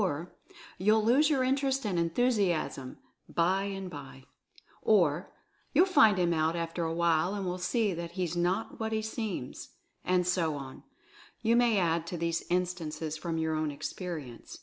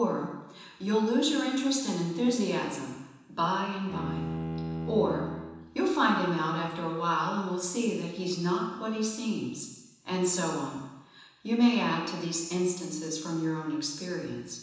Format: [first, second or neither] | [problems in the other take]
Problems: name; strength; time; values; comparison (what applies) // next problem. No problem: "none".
first | background sound (Bowed string instrument); 8 dB below the speech // room echo; dies away in 1.1 s